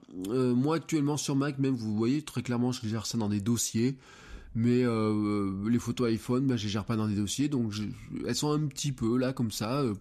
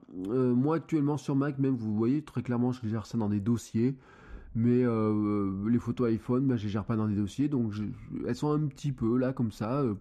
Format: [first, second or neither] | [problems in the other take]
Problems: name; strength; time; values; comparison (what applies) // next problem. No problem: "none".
first | muffled; slightly; fading above 2.5 kHz